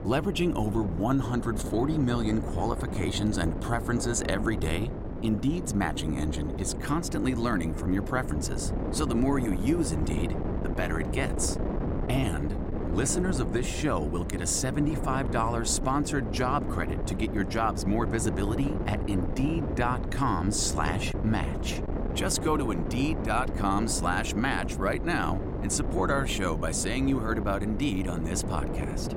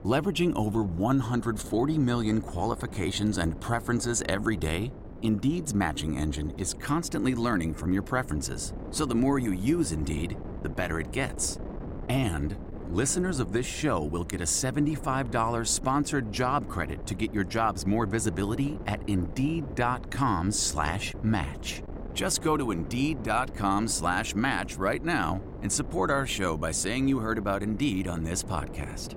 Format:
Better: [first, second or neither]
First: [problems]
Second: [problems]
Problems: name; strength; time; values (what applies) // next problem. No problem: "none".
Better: second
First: wind noise on the microphone; heavy; 7 dB below the speech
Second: wind noise on the microphone; occasional gusts; 15 dB below the speech